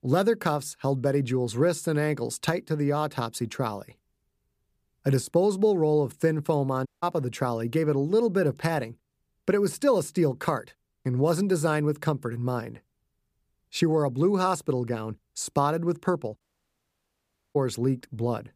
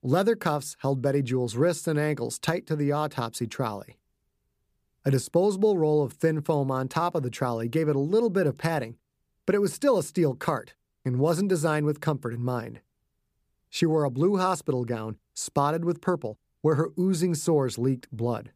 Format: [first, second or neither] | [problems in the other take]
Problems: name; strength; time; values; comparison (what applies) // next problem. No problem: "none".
second | audio cutting out; at 7 s and at 16 s for 1 s